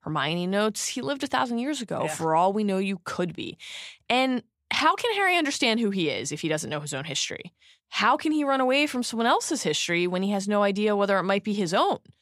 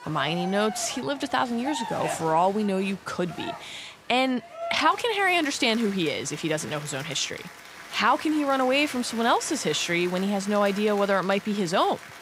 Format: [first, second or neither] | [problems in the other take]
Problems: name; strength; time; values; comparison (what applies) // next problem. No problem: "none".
first | crowd noise; noticeable; throughout; 15 dB below the speech